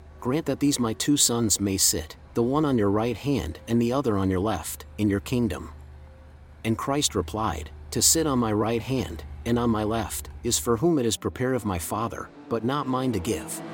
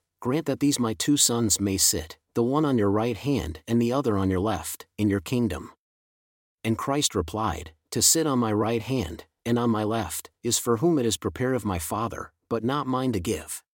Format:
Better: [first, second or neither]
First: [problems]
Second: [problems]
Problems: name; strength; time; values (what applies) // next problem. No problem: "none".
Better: second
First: traffic noise; faint; throughout; 20 dB below the speech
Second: none